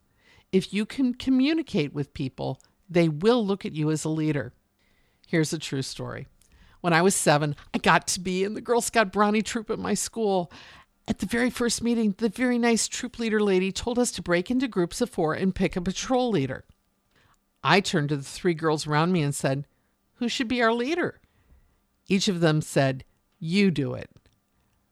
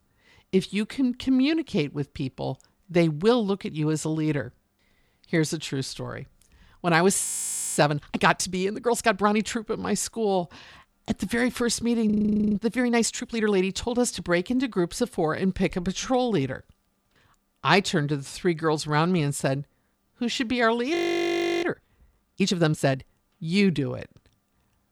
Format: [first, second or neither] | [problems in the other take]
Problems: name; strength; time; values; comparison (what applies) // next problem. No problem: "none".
first | audio freezing; at 7.5 s for 0.5 s, at 12 s and at 21 s for 0.5 s